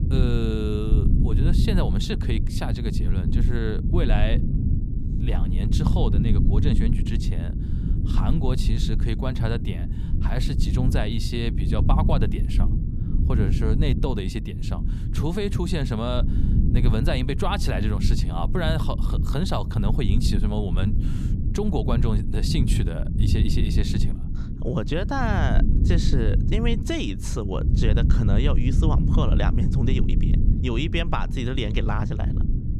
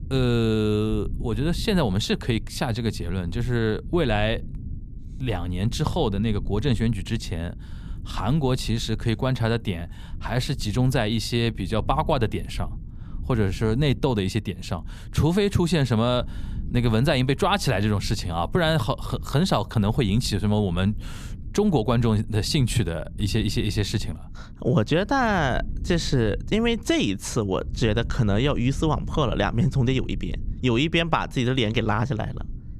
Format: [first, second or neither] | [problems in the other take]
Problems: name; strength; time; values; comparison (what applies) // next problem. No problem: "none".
second | low rumble; loud; throughout; 6 dB below the speech; faint in the second